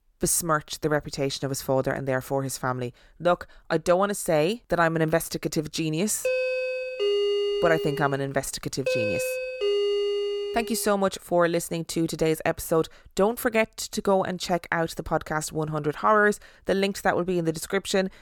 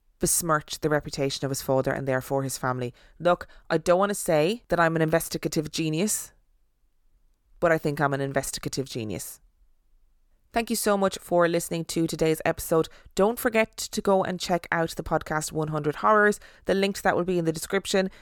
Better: second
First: doorbell; loud; from 6.5 to 11 s; peak 2 dB above the speech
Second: none

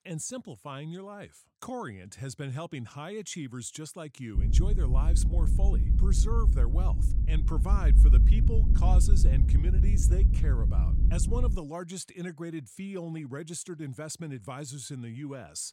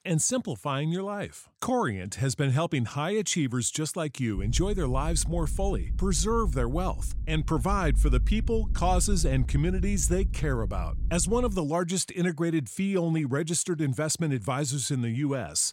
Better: second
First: low rumble; loud; from 4.5 to 12 s; 4 dB below the speech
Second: low rumble; faint; from 4.5 to 12 s; 20 dB below the speech

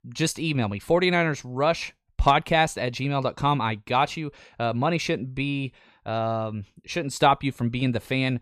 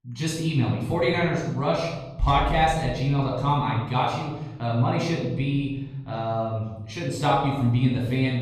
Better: first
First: none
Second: room echo; noticeable; dies away in 1.6 s // off-mic speech; far

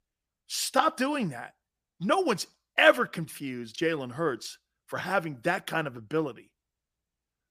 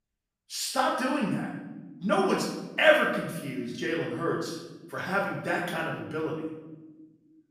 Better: first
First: none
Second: room echo; noticeable; dies away in 0.9 s // off-mic speech; far

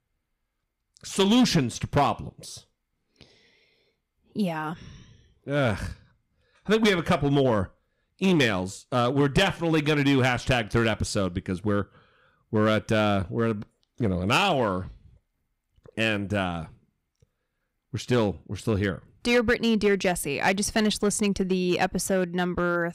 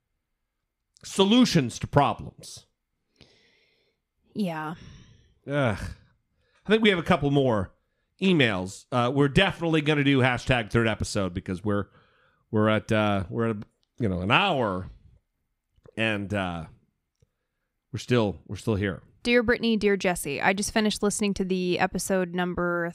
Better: second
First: distortion; slight; 3% of the sound clipped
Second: none

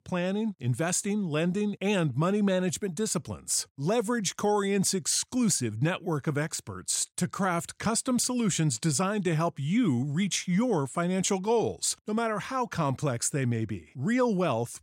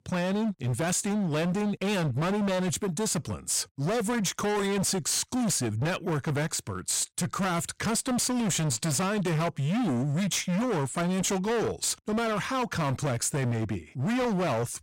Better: first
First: none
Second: distortion; heavy; 35% of the sound clipped

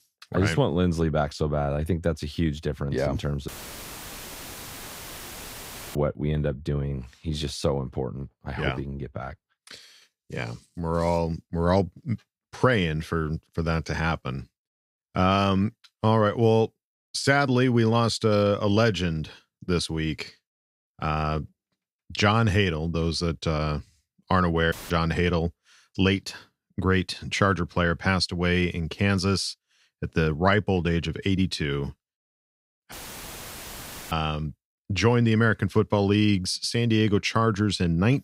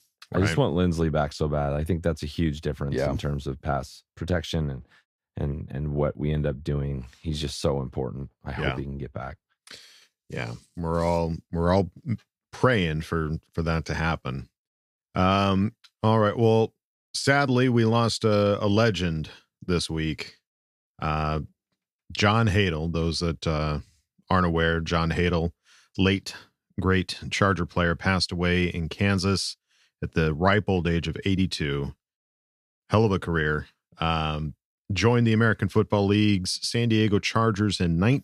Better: second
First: audio cutting out; filled with static; at 3.5 s for 2.5 s, at 25 s and at 33 s for 1 s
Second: none

